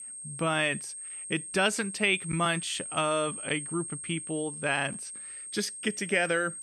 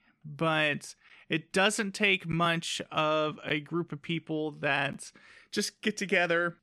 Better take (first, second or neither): second